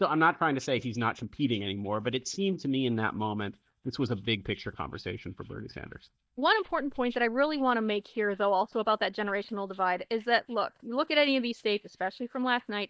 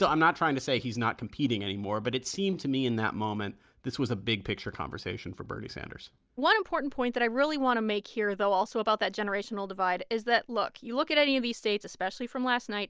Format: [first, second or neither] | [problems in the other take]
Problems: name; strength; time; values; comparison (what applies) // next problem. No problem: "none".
second | noise reduction (neural mask model DeepFilterNet 3)